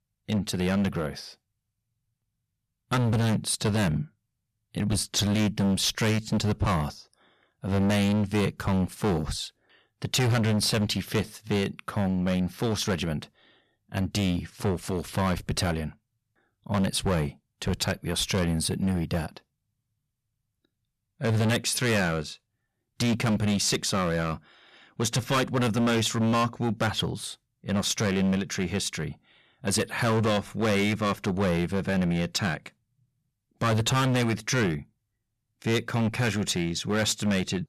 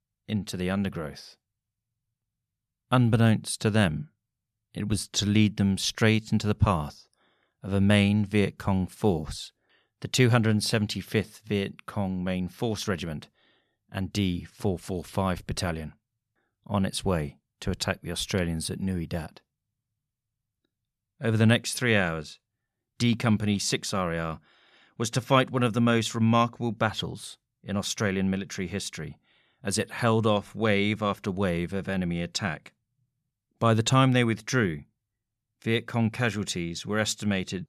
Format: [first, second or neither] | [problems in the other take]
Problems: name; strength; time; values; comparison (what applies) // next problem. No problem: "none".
second | distortion; heavy; 13% of the sound clipped